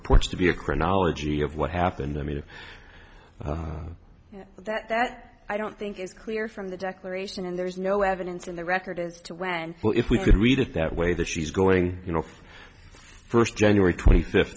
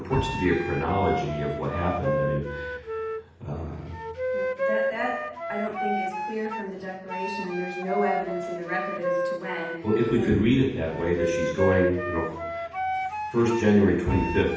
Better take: first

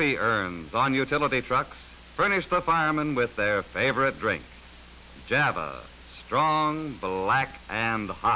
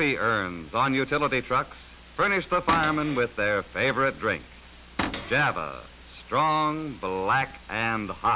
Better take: first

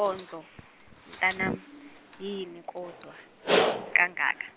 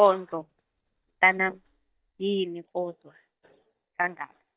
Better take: first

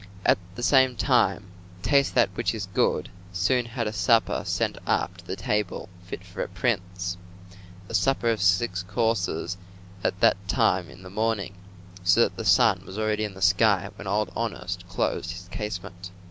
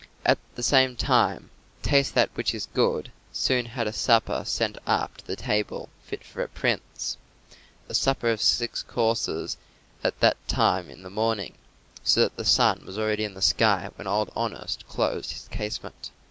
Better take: second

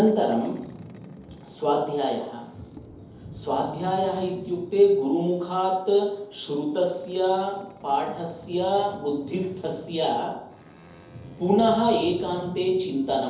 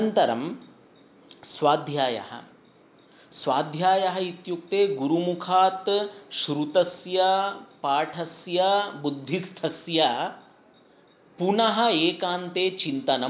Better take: second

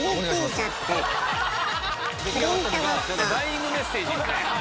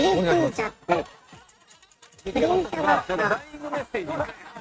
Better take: first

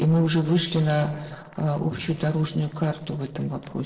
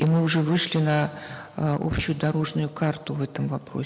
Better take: second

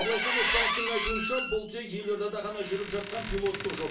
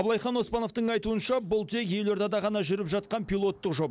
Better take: second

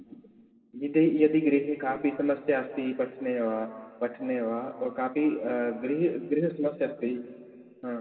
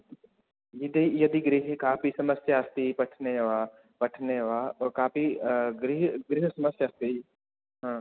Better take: second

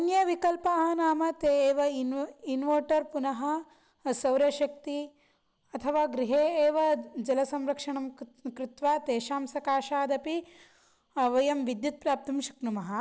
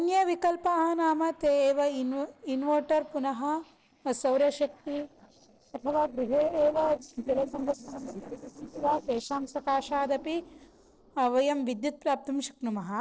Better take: first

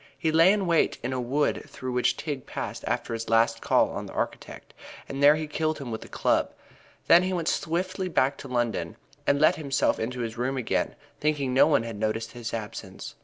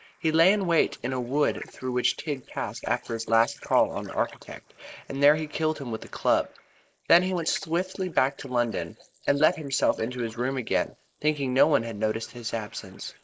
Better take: first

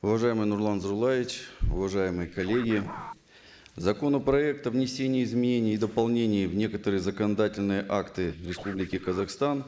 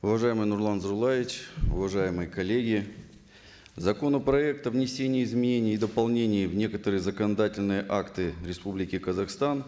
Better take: second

